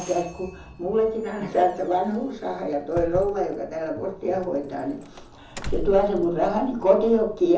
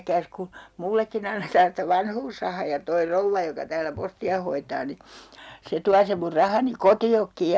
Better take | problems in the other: second | background sound (Doorbell); 13 dB below the speech // room echo; dies away in 0.6 s

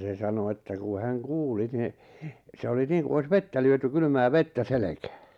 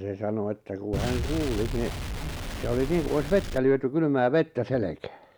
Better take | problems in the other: first | background sound (Explosion); 5 dB below the speech

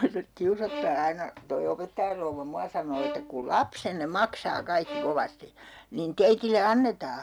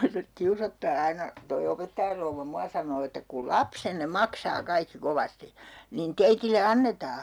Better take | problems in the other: second | background sound (Bowed string instrument); 13 dB below the speech

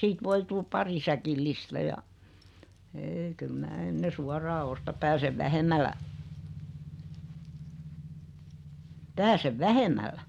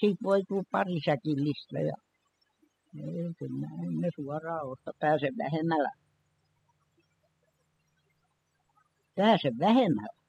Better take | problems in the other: first | noise reduction (classical method spectral subtraction)

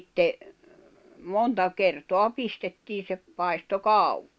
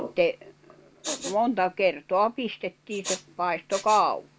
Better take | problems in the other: first | background sound (Respiratory sounds); 13 dB below the speech

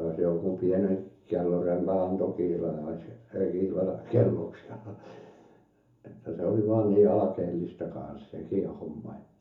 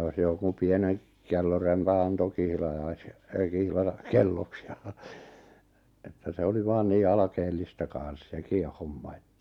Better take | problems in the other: second | room echo; dies away in 0.6 s

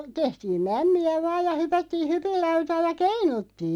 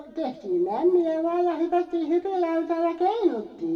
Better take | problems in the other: first | room echo; dies away in 1.3 s

